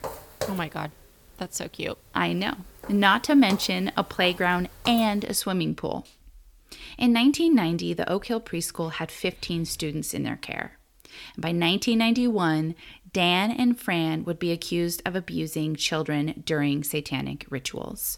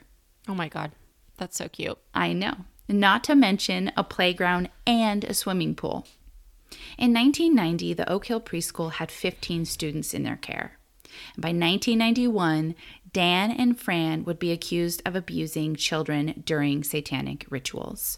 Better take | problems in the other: second | footsteps; noticeable; until 5 s; peak 9 dB below the speech

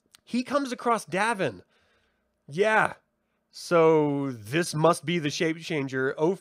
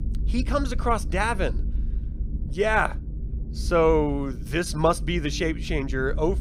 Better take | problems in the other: first | low rumble; faint; throughout; 20 dB below the speech

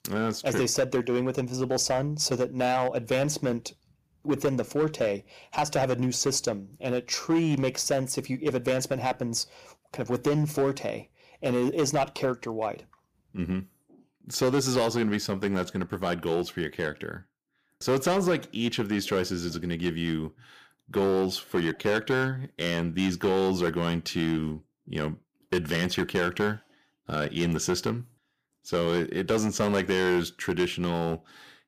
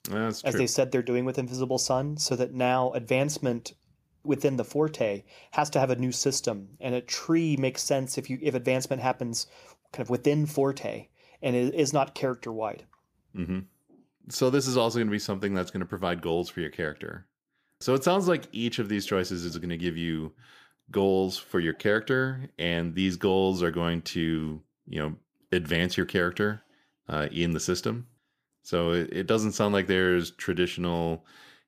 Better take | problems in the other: second | distortion; slight; 5% of the sound clipped

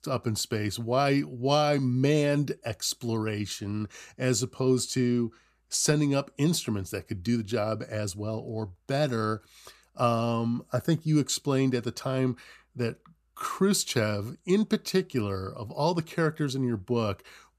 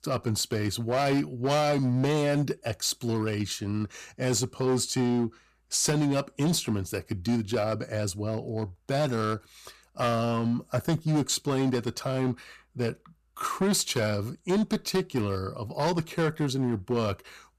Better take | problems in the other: first | distortion; slight; 9% of the sound clipped

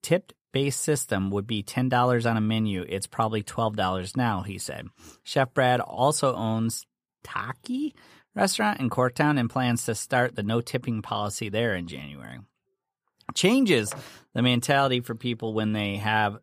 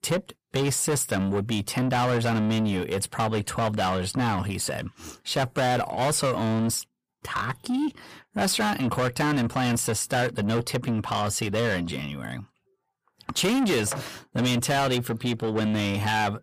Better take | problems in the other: first | distortion; heavy; 6 dB below the speech

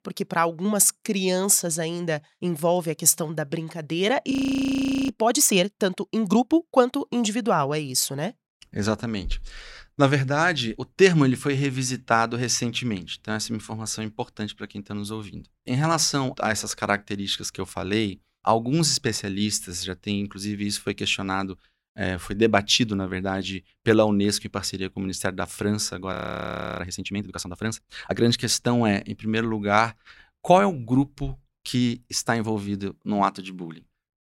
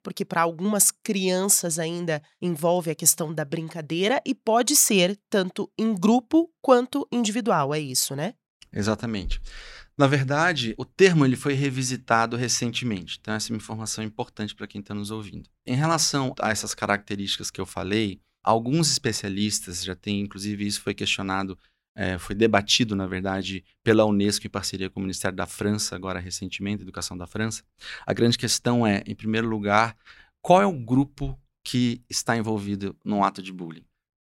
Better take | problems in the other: second | audio freezing; at 4.5 s for 1 s and at 26 s for 0.5 s

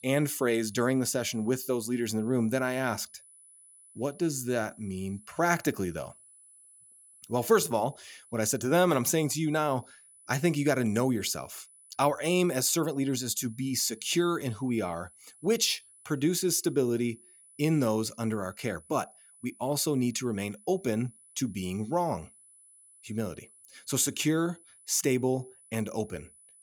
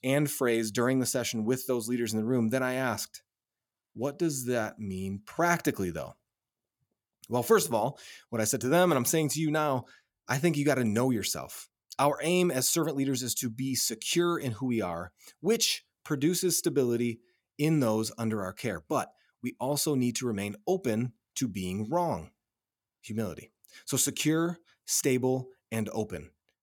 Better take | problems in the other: second | high-pitched whine; faint; throughout; 10 kHz, 25 dB below the speech

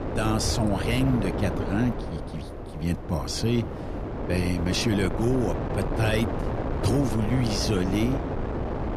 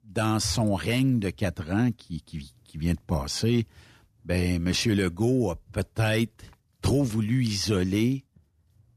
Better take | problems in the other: second | wind noise on the microphone; heavy; 3 dB below the speech

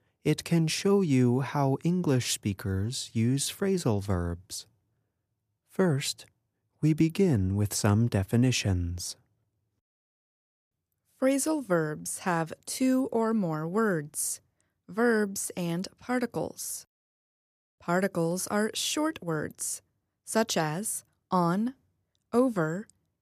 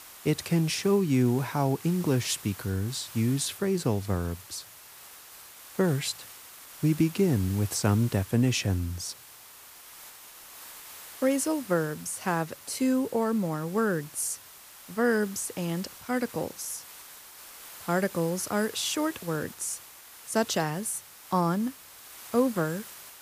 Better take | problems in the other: first | hiss; noticeable; throughout; 15 dB below the speech

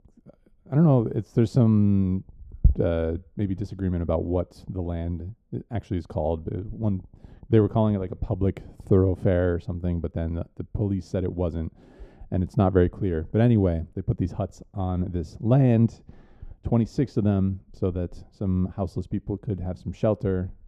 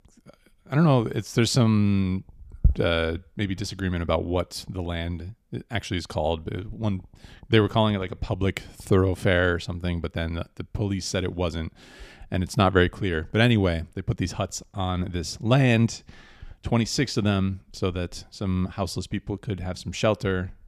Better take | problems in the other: second | muffled; very; fading above 1 kHz

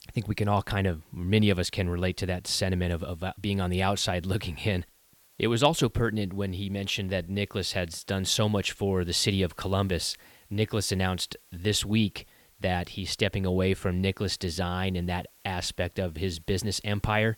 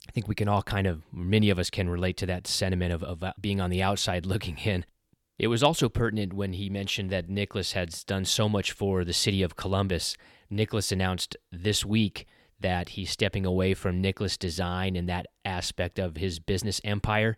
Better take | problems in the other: second | hiss; faint; throughout; 30 dB below the speech

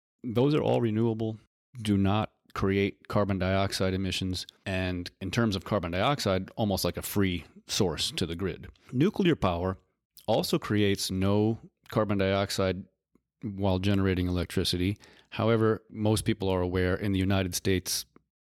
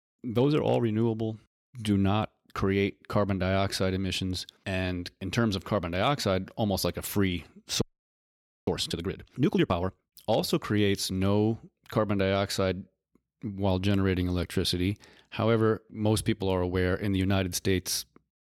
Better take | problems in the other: first | audio freezing; at 8 s for 1 s

